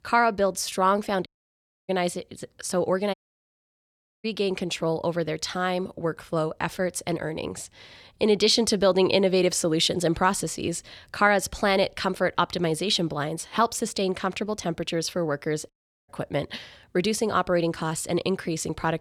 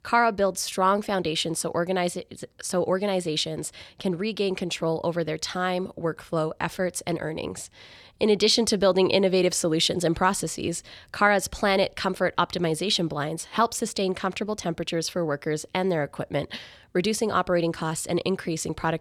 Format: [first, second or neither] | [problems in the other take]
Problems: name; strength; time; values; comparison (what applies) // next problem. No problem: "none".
second | audio cutting out; at 1.5 s for 0.5 s, at 3 s for 1 s and at 16 s